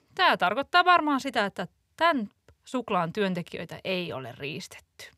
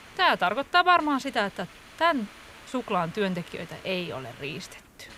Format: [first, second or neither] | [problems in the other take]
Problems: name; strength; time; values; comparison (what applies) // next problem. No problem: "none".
first | hiss; faint; throughout; 20 dB below the speech